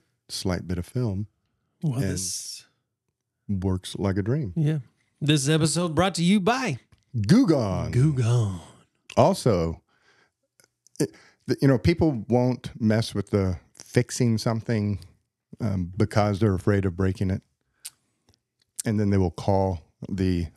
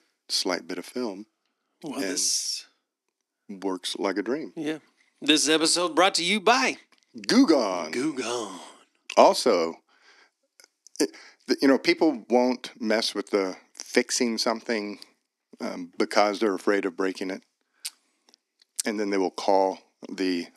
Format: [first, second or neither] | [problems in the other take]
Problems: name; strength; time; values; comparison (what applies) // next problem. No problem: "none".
first | thin; somewhat; fading below 250 Hz